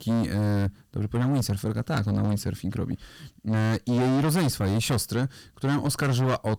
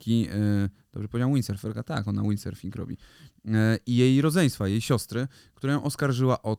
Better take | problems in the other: second | distortion; heavy; 6 dB below the speech

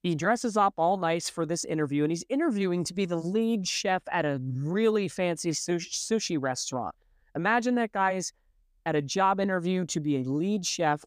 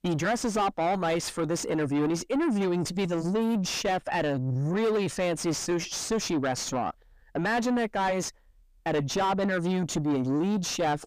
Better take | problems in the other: first | distortion; heavy; 5 dB below the speech

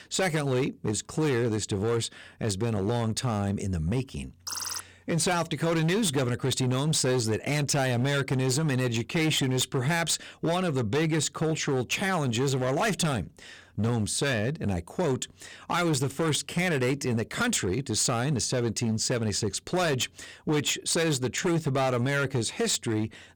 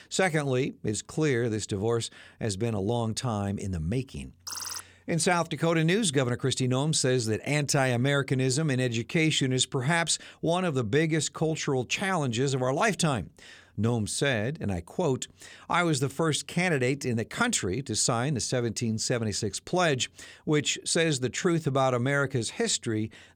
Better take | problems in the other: second | distortion; slight; 13% of the sound clipped

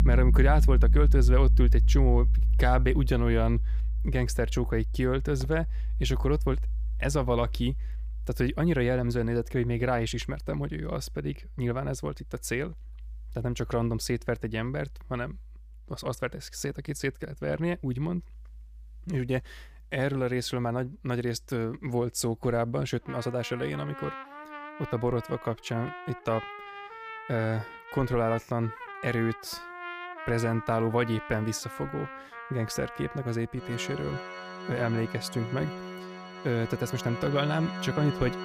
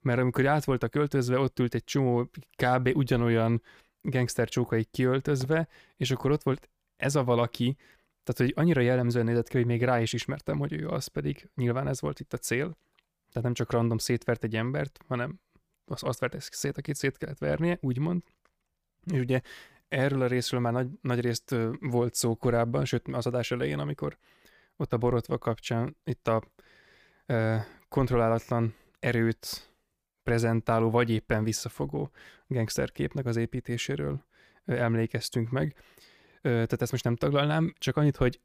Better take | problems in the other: second | background music; loud; throughout; 1 dB below the speech

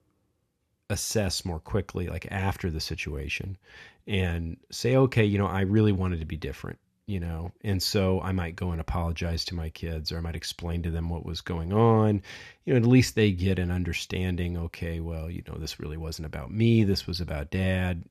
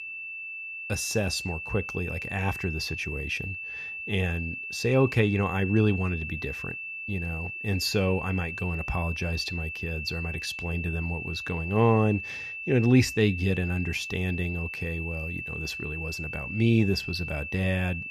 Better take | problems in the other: first | high-pitched whine; loud; throughout; 2.5 kHz, 6 dB below the speech

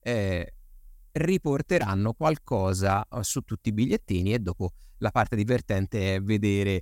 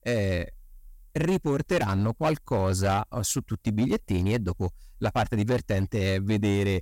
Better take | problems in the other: first | distortion; slight; 8% of the sound clipped

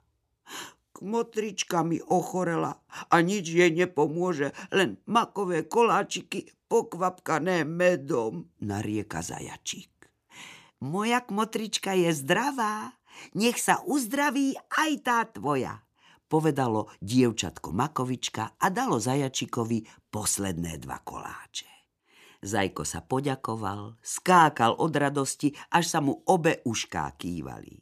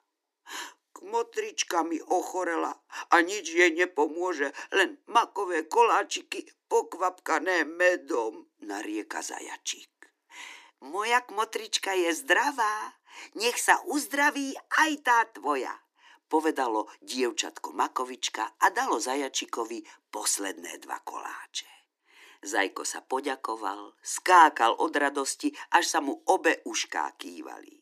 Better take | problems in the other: first | thin; somewhat; fading below 300 Hz

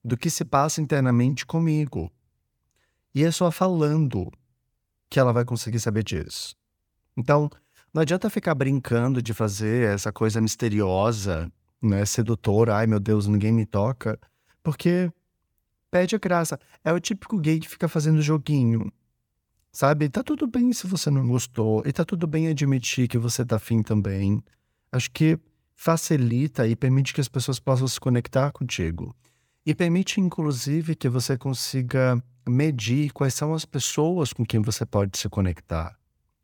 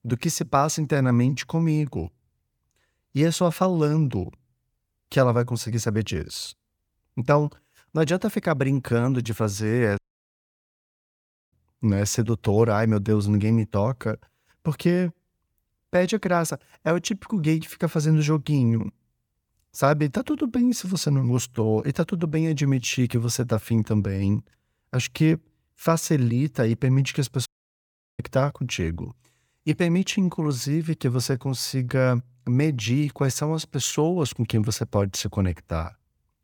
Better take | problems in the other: first | audio cutting out; at 10 s for 1.5 s and at 27 s for 0.5 s

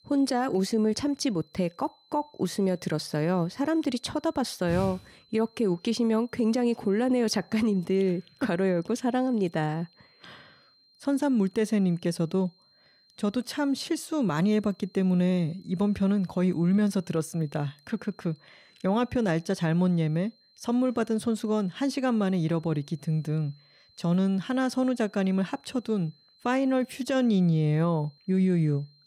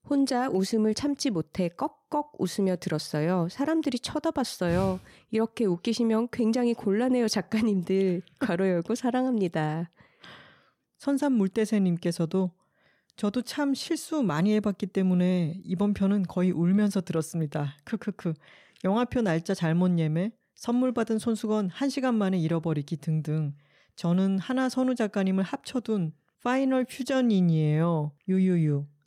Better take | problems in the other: second | high-pitched whine; faint; throughout; 4 kHz, 30 dB below the speech

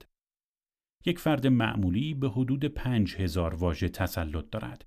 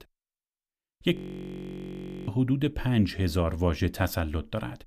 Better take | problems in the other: first | audio freezing; at 1 s for 1 s

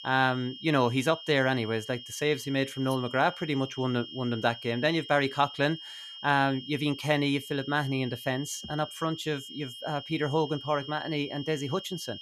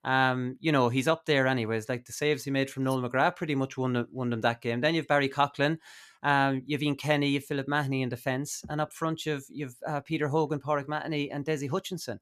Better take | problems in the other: second | high-pitched whine; noticeable; throughout; 3 kHz, 10 dB below the speech

